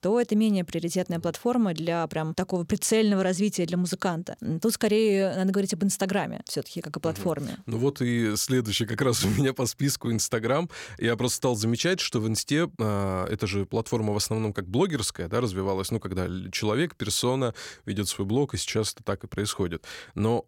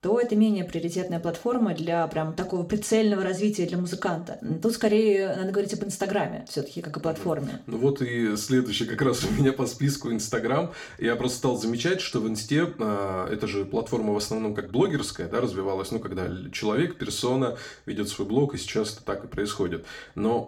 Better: first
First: none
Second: room echo; very slight; dies away in 0.3 s // off-mic speech; somewhat distant

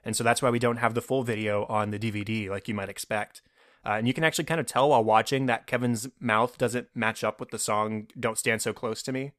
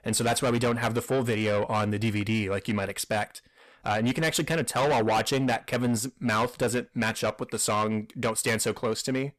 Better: first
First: none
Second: distortion; heavy; 6 dB below the speech

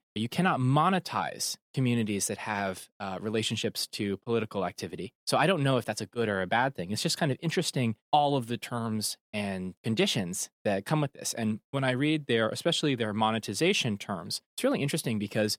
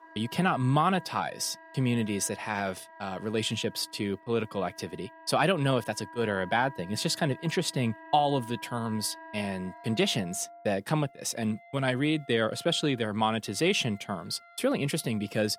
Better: first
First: none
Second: background music; noticeable; throughout; 20 dB below the speech

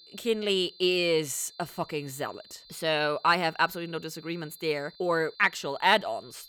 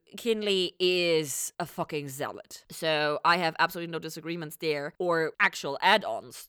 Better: second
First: high-pitched whine; faint; throughout; 4 kHz, 25 dB below the speech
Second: none

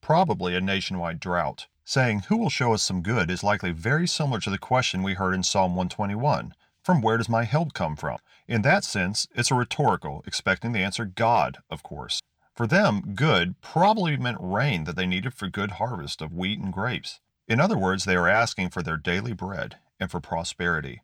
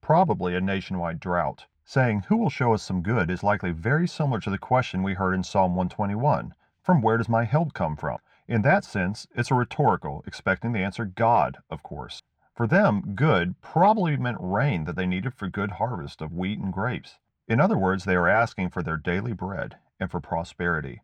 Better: first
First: none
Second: muffled; slightly; fading above 2.5 kHz

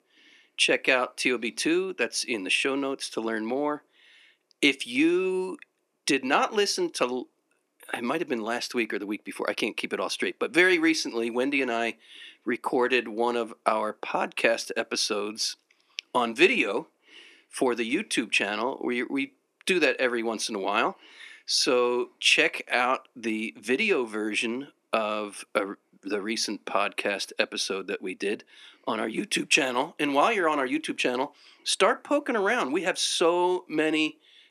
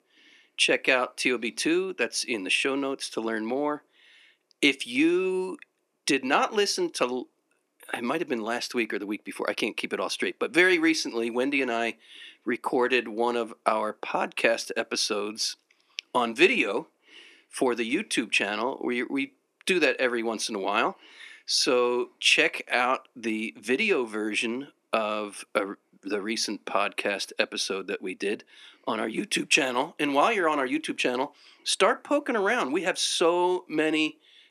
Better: neither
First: thin; somewhat; fading below 250 Hz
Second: thin; somewhat; fading below 250 Hz

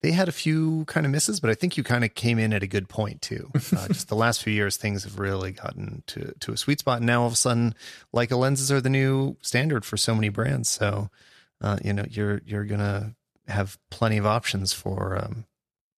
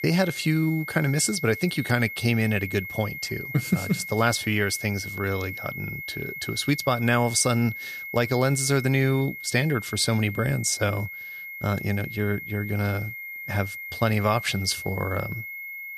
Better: first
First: none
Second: high-pitched whine; loud; throughout; 2 kHz, 9 dB below the speech

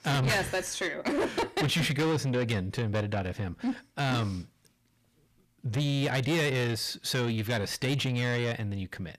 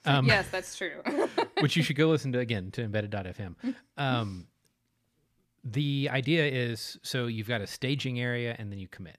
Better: second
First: distortion; heavy; 6 dB below the speech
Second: none

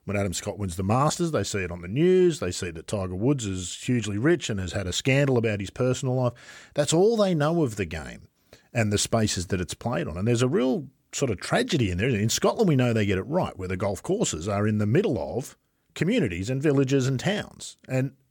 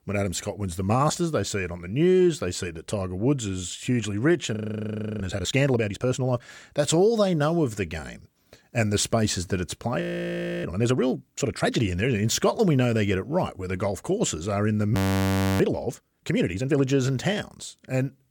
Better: first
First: none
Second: audio freezing; at 4.5 s for 0.5 s, at 10 s for 0.5 s and at 15 s for 0.5 s

